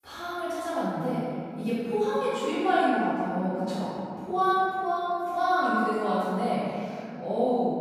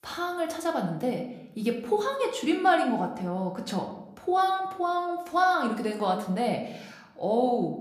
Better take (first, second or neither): second